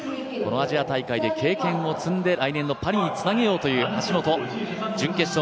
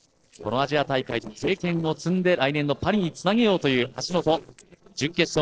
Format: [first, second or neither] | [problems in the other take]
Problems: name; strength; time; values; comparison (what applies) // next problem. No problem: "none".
first | noise reduction (neural separator model SepFormer DNS4)